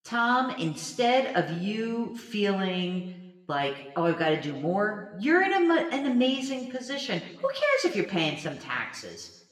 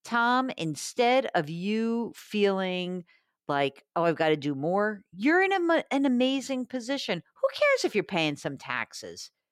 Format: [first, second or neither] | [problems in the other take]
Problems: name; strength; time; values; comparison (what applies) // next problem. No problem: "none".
second | room echo; slight; dies away in 0.9 s // off-mic speech; somewhat distant